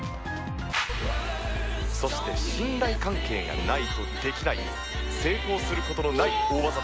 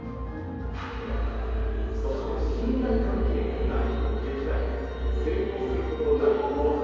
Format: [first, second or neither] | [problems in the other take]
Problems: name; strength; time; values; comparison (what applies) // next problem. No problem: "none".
first | background sound (Wind instrument, woodwind instrument); 17 dB below the speech // room echo; dies away in 2.2 s